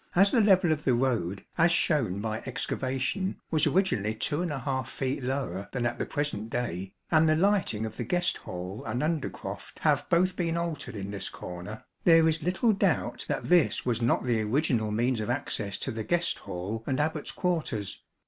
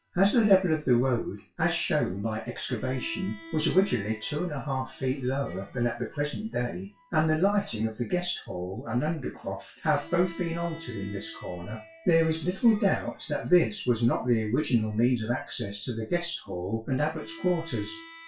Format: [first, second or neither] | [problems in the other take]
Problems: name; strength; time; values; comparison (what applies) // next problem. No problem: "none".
first | noise reduction (classical method WPE with log-MMSE)